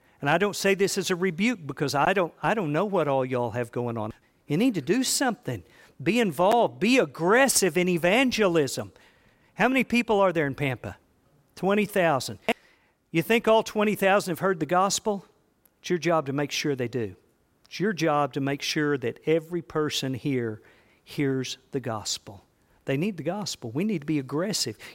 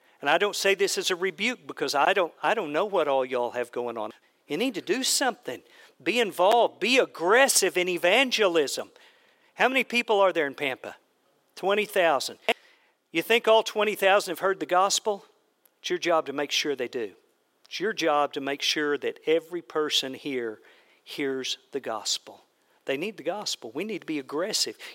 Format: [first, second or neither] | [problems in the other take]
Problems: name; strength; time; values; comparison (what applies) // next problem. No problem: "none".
first | thin; somewhat; fading below 450 Hz